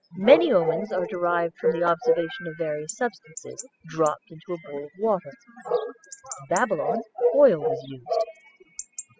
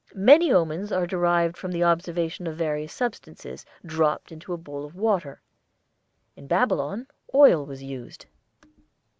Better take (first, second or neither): second